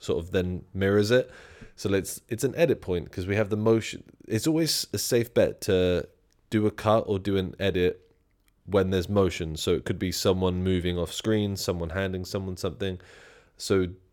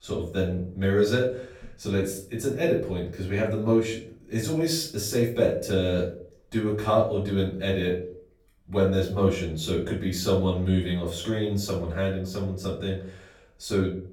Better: first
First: none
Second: off-mic speech; far // room echo; slight; dies away in 0.4 s

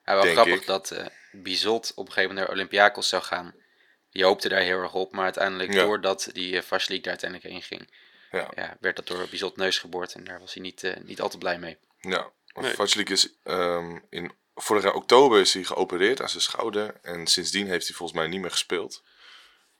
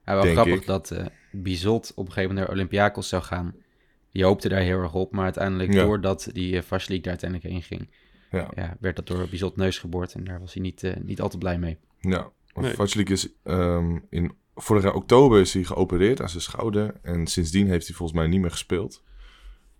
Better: second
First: thin; very; fading below 450 Hz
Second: none

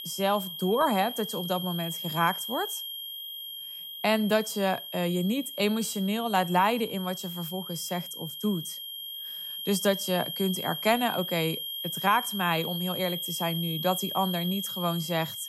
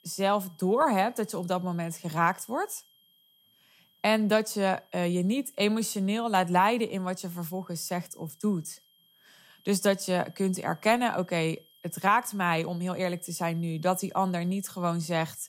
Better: second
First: high-pitched whine; loud; throughout; 3 kHz, 6 dB below the speech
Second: high-pitched whine; faint; throughout; 3 kHz, 30 dB below the speech

